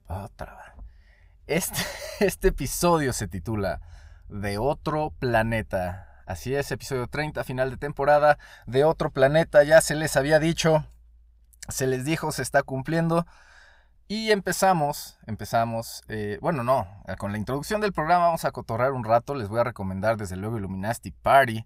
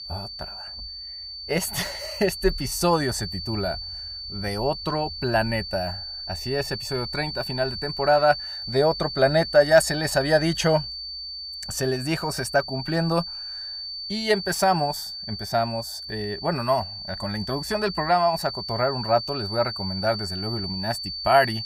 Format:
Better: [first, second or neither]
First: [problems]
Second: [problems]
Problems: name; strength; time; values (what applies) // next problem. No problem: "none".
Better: first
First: none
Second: high-pitched whine; loud; throughout; 4.5 kHz, 7 dB below the speech